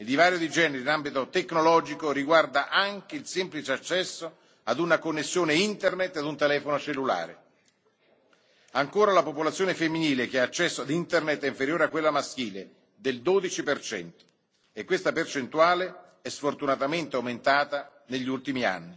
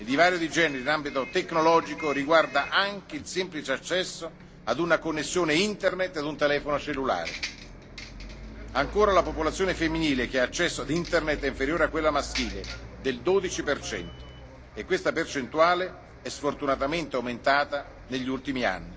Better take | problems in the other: first | background sound (Bus); 14 dB below the speech

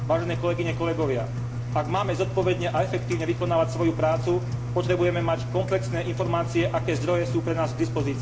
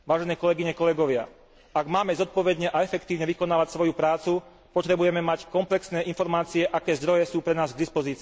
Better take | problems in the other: second | background sound (Engine); 3 dB below the speech // room echo; dies away in 0.8 s

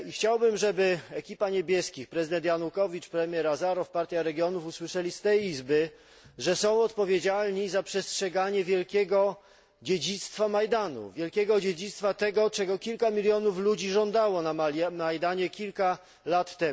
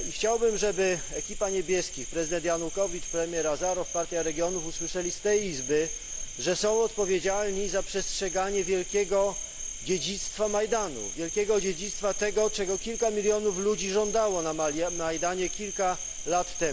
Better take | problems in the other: first | background sound (Cricket); 7 dB below the speech

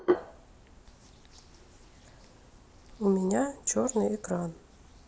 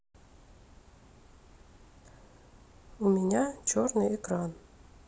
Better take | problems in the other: second | background sound (Hands); 6 dB below the speech

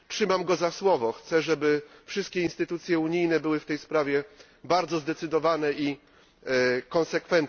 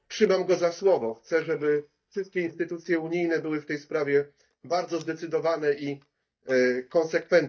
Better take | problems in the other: first | noise reduction (neural mask model DeepFilterNet 3)

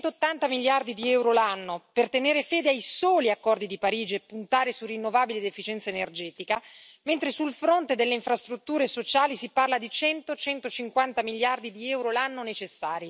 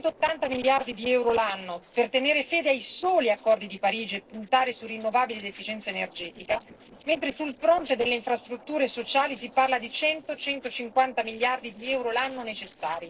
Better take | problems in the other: first | noise reduction (neural separator model SepFormer DNS4)

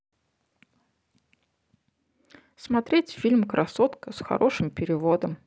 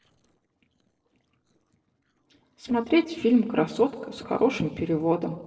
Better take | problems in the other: first | noise reduction (neural separator model SepFormer DNS4)

